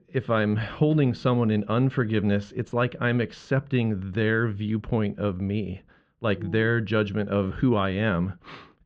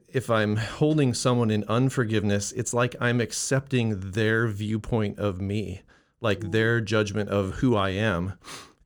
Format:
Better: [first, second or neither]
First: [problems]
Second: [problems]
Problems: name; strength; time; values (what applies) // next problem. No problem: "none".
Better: second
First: muffled; very; fading above 3.5 kHz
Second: none